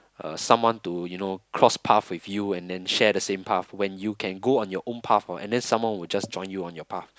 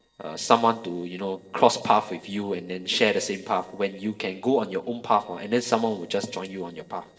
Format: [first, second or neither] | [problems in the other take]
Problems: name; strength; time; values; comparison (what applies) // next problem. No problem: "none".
first | noise reduction (neural separator model SepFormer DNS4)